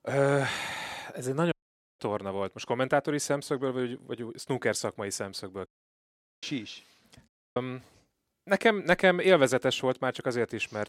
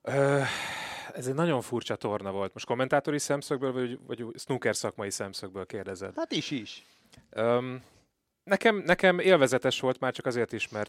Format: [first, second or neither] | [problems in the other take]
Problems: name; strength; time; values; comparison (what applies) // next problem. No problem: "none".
second | audio cutting out; at 1.5 s, at 5.5 s for 1 s and at 7.5 s